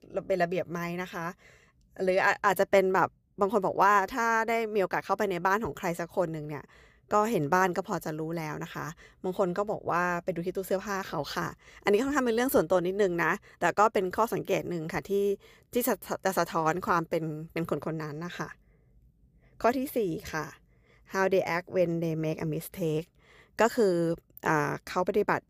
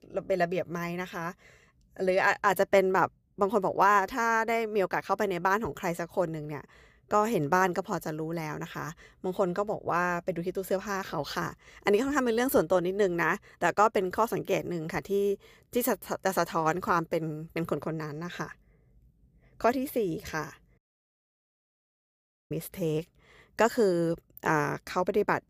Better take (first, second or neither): first